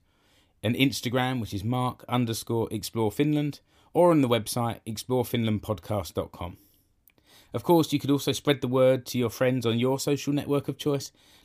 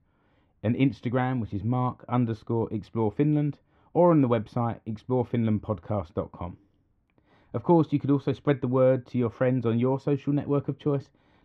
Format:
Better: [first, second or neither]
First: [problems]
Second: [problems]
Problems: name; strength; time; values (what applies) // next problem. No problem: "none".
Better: first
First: none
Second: muffled; very; fading above 1.5 kHz